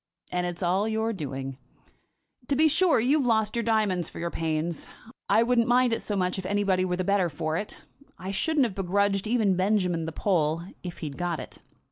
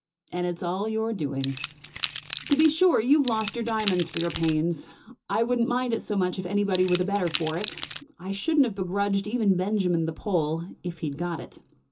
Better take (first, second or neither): first